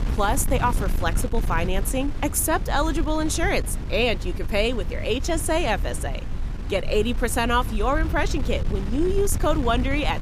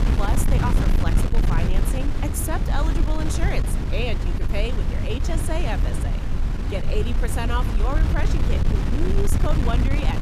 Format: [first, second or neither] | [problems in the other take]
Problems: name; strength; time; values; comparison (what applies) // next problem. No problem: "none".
first | wind noise on the microphone; heavy; 3 dB below the speech; occasional gusts in the first